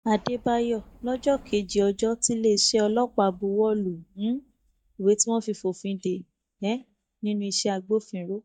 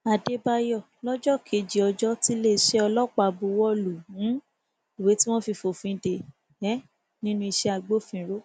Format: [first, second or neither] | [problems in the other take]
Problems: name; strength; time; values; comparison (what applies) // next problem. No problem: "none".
second | noise reduction (neural mask model DeepFilterNet 3)